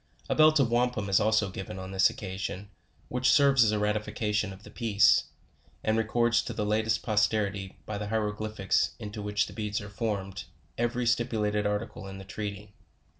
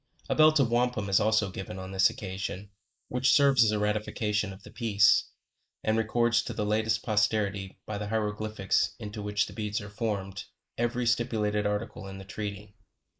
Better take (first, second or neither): first